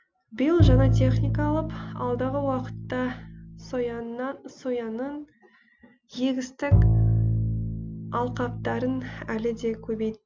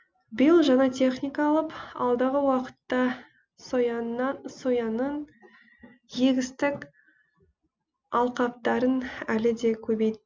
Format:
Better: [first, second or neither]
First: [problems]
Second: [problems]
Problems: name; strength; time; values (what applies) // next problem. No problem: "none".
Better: second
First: background sound (Bowed string instrument); 4 dB above the speech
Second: none